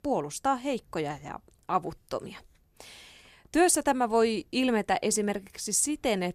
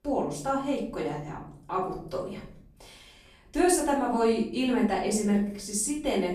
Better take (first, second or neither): first